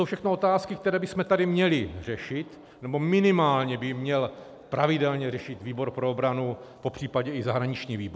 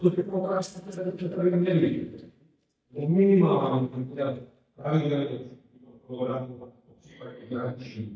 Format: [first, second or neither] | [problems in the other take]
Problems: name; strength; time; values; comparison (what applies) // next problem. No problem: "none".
first | noise reduction (neural mask model DeepFilterNet 3)